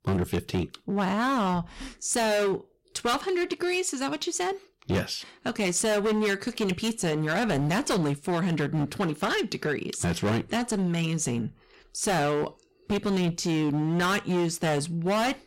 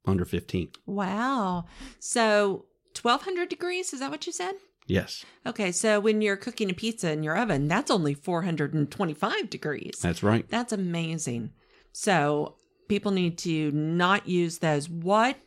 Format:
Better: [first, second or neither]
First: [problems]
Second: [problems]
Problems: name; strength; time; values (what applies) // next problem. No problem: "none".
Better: second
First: distortion; heavy; 18% of the sound clipped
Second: none